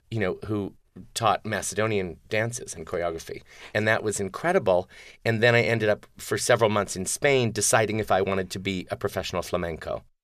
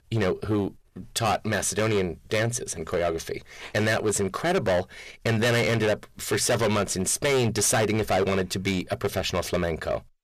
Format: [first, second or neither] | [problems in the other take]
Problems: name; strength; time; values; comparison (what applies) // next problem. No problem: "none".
first | distortion; heavy; 13% of the sound clipped